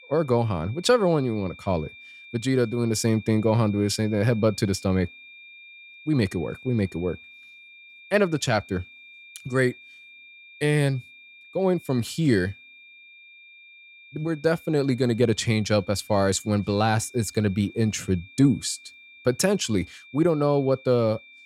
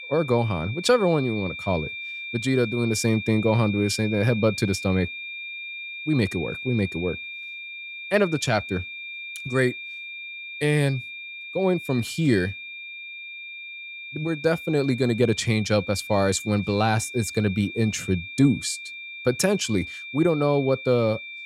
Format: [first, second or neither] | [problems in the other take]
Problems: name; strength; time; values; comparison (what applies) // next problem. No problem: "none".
first | high-pitched whine; loud; throughout; 2.5 kHz, 10 dB below the speech; faint in the first